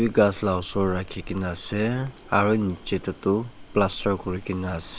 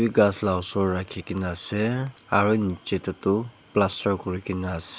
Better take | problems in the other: second | background sound (Wind); 16 dB below the speech

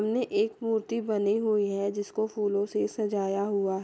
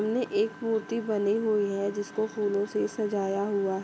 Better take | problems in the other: first | background sound (Engine); 18 dB below the speech

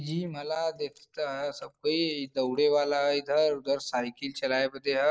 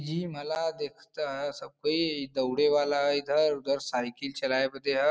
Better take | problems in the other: second | noise reduction (neural mask model Resemble Enhance denoiser)

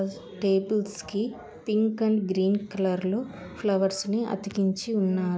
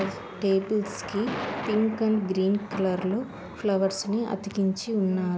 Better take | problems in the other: first | background sound (Thunder); 12 dB below the speech

